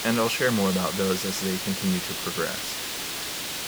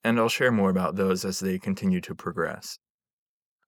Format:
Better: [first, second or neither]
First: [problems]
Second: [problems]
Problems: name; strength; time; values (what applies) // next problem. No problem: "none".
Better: second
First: hiss; loud; throughout; 2 dB below the speech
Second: none